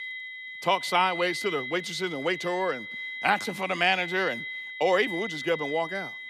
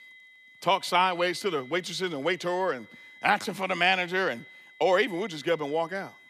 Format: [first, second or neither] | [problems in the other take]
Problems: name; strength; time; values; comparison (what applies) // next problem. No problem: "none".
second | high-pitched whine; loud; throughout; 2 kHz, 8 dB below the speech; faint in the second